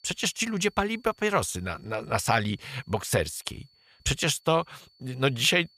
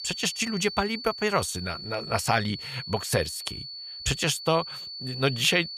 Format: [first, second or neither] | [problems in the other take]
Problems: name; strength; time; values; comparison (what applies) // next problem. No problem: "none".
first | high-pitched whine; loud; throughout; 4.5 kHz, 9 dB below the speech; faint in the first